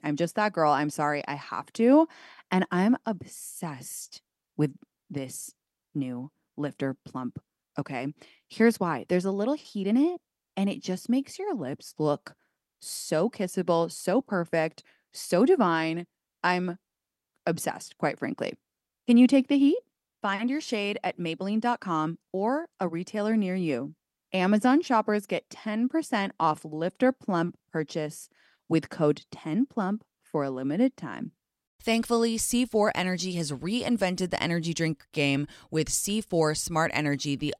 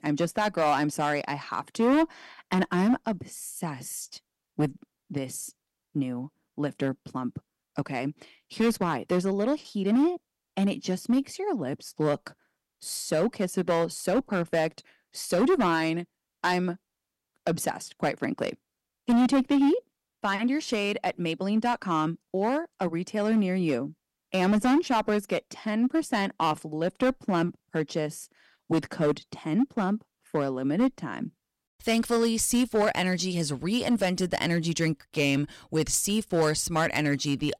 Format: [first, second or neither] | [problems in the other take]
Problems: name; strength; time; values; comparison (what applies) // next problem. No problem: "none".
first | distortion; slight; 5% of the sound clipped